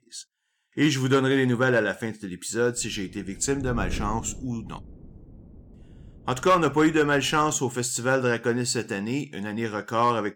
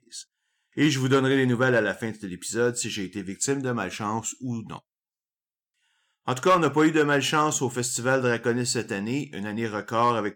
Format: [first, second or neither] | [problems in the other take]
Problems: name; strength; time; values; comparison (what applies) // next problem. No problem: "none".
second | wind noise on the microphone; occasional gusts; from 3 to 7.5 s; 25 dB below the speech